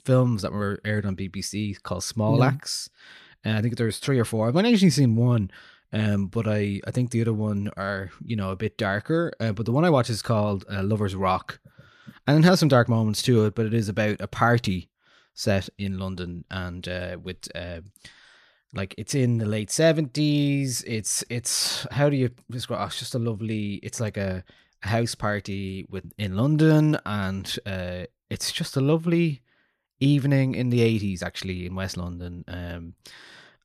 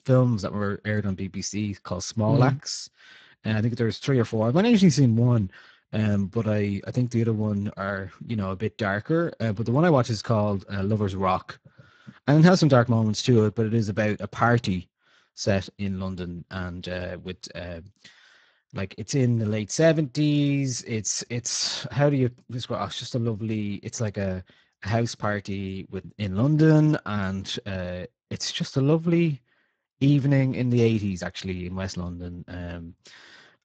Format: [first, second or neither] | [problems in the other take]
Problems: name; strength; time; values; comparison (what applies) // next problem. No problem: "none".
first | garbled, watery; badly; nothing above 7.5 kHz